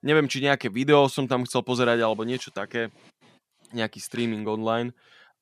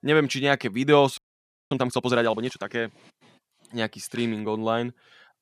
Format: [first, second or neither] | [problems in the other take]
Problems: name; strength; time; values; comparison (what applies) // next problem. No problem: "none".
first | audio freezing; at 1 s for 0.5 s